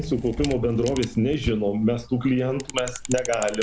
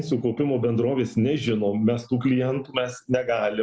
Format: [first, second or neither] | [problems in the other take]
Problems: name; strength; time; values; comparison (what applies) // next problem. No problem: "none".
second | background sound (Camera); 12 dB below the speech